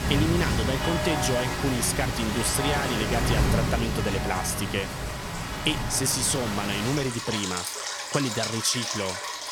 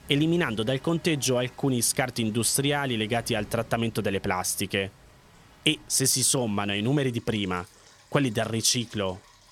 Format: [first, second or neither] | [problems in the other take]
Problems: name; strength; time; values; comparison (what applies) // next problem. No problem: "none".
second | rain or running water; loud; throughout; 1 dB below the speech; faint in the second